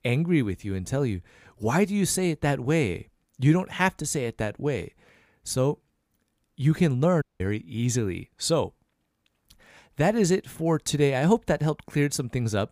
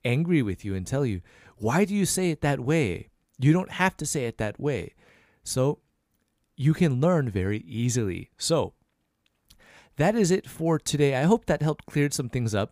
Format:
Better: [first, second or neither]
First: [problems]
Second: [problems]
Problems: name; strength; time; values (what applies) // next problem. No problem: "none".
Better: second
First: audio cutting out; at 7 s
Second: none